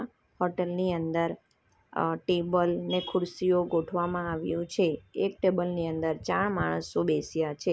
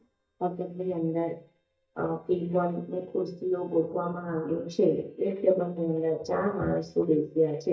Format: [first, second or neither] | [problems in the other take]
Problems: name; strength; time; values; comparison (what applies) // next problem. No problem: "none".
first | noise reduction (neural mask model DeepFilterNet 3)